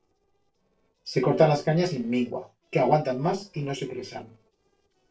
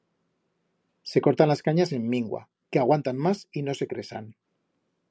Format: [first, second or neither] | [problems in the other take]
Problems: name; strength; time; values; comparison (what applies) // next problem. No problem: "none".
second | noise reduction (neural separator model SepFormer DNS4)